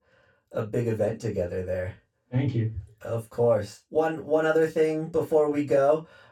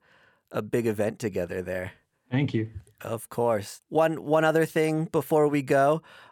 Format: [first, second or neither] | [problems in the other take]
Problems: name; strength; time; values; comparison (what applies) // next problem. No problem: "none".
second | room echo; very slight; dies away in 0.2 s // off-mic speech; far